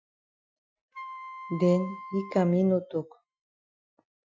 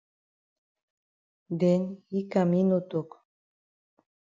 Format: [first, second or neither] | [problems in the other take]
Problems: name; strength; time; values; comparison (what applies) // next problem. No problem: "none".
second | noise reduction (classical method Wiener filter)